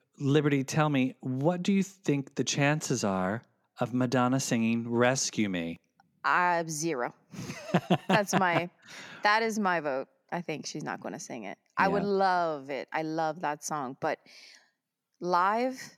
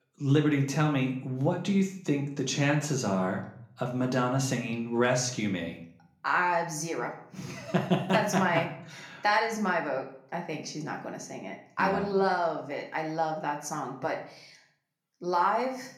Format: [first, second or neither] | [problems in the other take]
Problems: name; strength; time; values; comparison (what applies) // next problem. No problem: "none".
first | room echo; slight; dies away in 0.5 s // off-mic speech; somewhat distant